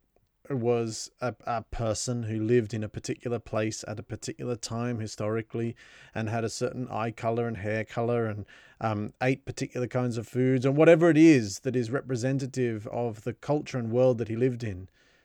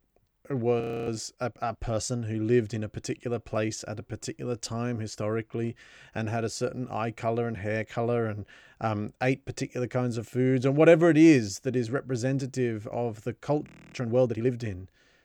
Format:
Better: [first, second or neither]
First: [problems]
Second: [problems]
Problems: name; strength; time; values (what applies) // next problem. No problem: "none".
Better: first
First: none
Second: audio freezing; at 1 s and at 14 s